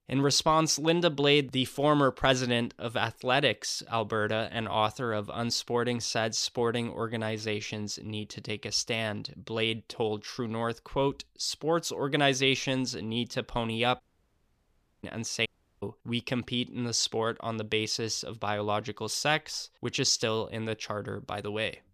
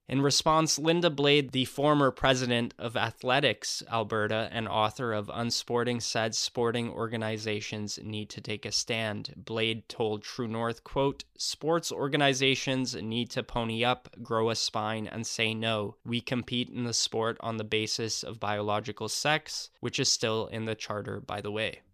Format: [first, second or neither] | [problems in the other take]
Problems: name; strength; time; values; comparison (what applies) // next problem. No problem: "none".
second | audio cutting out; at 14 s for 1 s and at 15 s